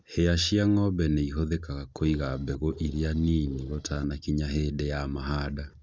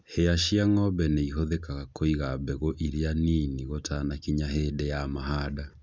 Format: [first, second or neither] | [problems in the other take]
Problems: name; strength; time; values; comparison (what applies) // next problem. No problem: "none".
second | noise reduction (neural separator model SepFormer DNS4)